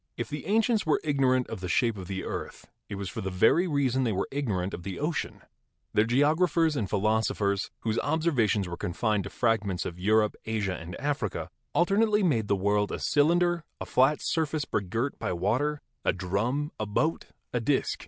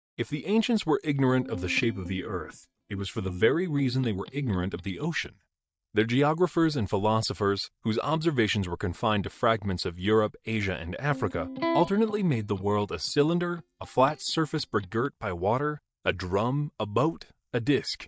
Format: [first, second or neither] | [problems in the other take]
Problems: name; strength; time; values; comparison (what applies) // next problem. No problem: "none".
first | noise reduction (neural mask model DeepFilterNet 3)